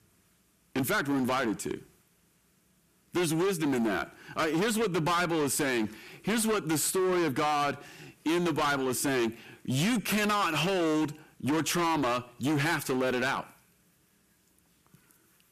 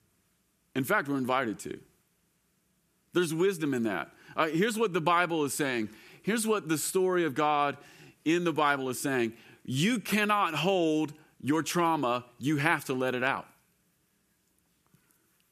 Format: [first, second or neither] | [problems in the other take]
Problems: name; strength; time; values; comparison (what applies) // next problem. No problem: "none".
second | distortion; heavy; 20% of the sound clipped